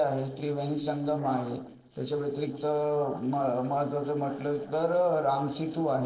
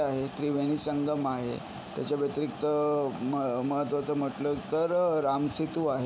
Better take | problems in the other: second | noise reduction (neural separator model SepFormer DNS4)

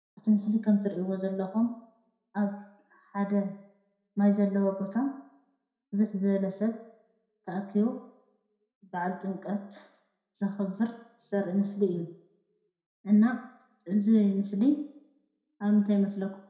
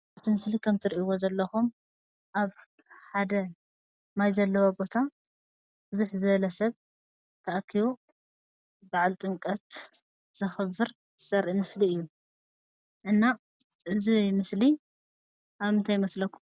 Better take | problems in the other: second | room echo; dies away in 0.5 s

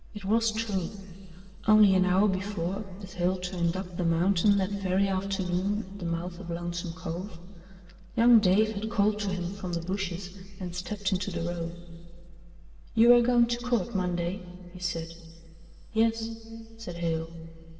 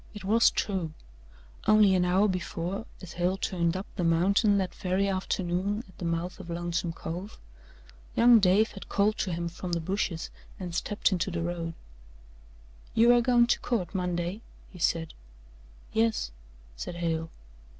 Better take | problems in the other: second | room echo; dies away in 2.6 s

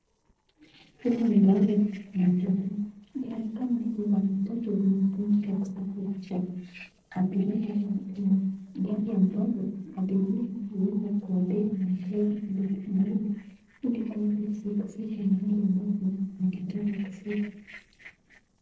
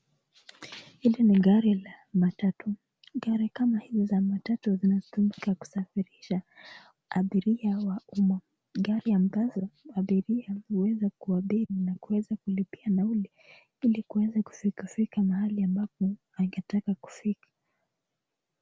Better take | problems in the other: second | noise reduction (neural separator model SepFormer DNS4)

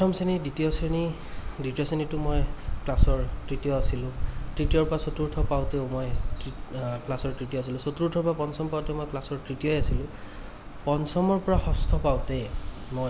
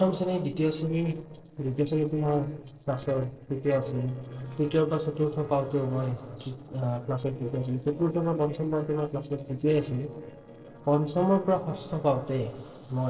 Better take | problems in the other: first | noise reduction (neural separator model SepFormer DNS4)

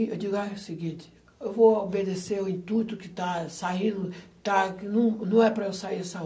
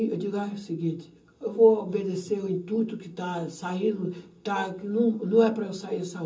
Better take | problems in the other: first | room echo; dies away in 0.2 s

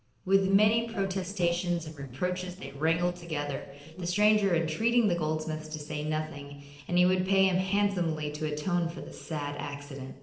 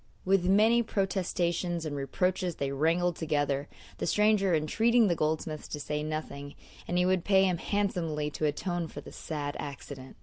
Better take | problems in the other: second | noise reduction (neural separator model SepFormer DNS4)

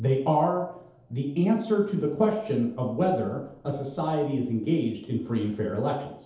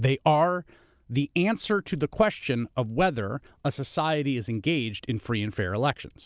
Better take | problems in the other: second | room echo; dies away in 0.8 s

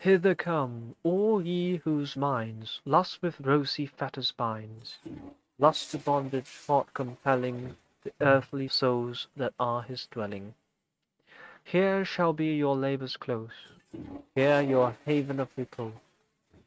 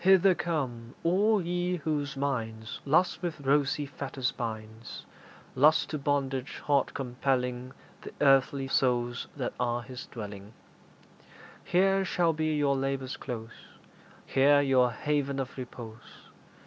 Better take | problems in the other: second | noise reduction (neural mask model RNNoise)

